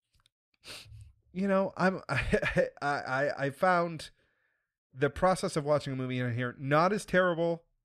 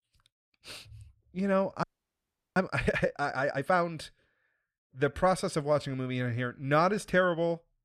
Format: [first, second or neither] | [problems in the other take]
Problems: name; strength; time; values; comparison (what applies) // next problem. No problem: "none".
first | audio freezing; at 2 s for 0.5 s